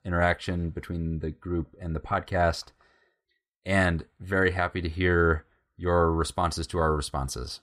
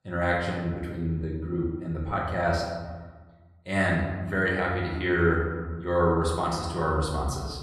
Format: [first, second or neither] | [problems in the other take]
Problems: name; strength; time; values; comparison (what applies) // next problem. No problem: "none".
first | room echo; noticeable; dies away in 1.3 s // off-mic speech; far